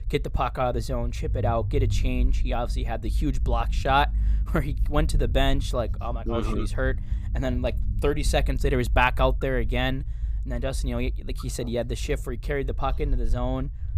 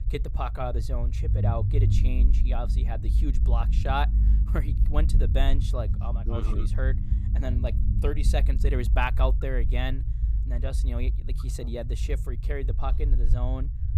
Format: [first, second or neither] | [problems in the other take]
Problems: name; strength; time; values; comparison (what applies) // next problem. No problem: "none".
first | low rumble; loud; throughout; 10 dB below the speech; faint in the first